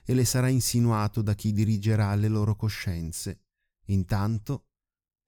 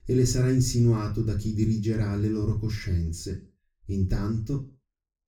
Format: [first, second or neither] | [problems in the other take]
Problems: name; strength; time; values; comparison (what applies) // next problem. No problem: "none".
first | room echo; very slight; dies away in 0.3 s // off-mic speech; far